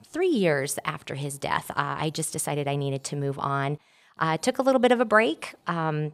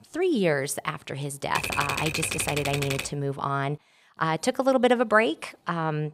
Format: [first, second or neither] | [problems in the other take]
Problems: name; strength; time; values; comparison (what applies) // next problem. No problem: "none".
first | keyboard typing; noticeable; from 1.5 to 3 s; peak 2 dB below the speech